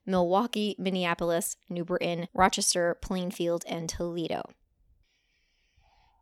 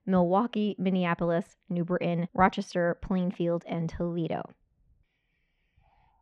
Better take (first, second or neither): first